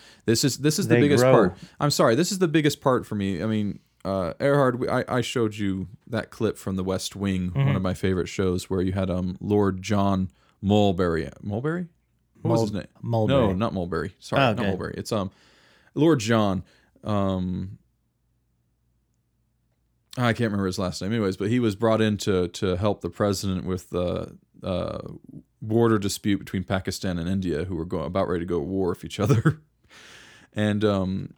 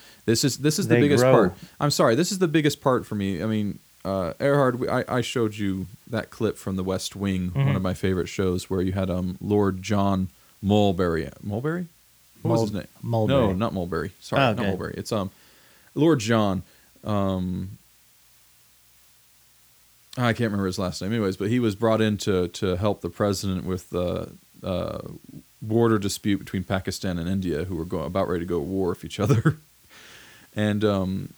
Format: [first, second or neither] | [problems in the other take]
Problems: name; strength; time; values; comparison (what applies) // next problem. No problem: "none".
first | hiss; faint; throughout; 30 dB below the speech